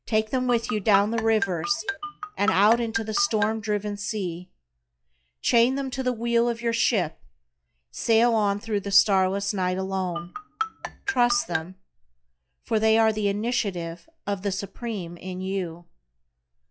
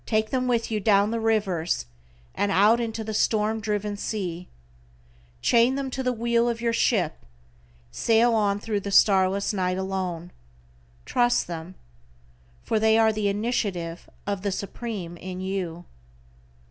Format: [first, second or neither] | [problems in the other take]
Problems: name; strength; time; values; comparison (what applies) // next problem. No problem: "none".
second | noise reduction (classical method log-MMSE)